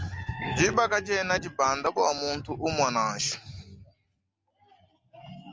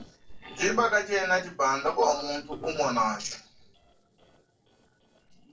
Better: first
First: none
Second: noise reduction (neural separator model SepFormer DNS4)

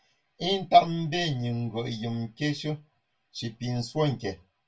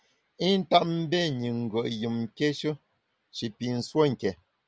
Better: second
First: room echo; dies away in 0.1 s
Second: none

